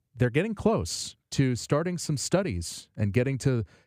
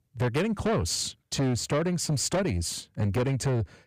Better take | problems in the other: first | distortion; heavy; 6 dB below the speech

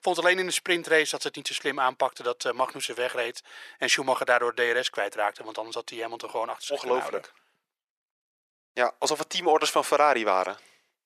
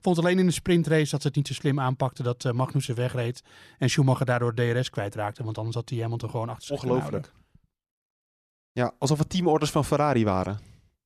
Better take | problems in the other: second | thin; very; fading below 450 Hz

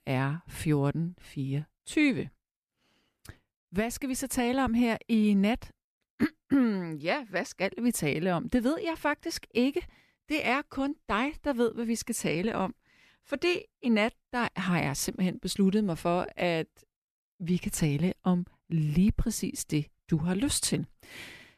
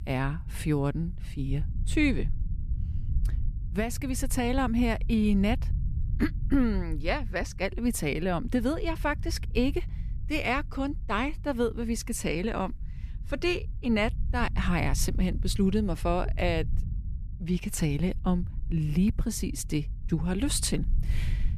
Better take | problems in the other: first | low rumble; faint; throughout; 20 dB below the speech

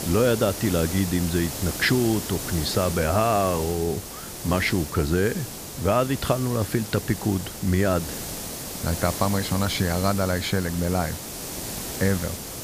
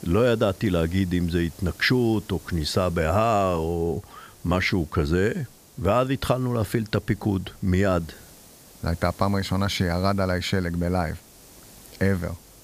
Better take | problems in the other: second | hiss; loud; throughout; 7 dB below the speech; faint in the second

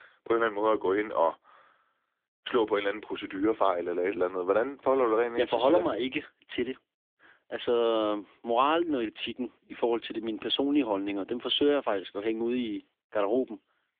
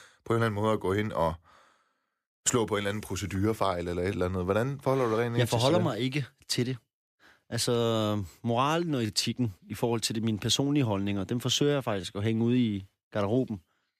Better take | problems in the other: second | phone-call audio; nothing above 3.5 kHz

